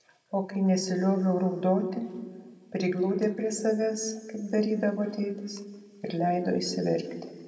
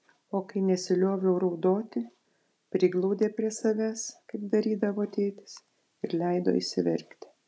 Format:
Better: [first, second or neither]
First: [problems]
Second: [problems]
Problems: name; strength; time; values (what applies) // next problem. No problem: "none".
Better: second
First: room echo; dies away in 1.3 s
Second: none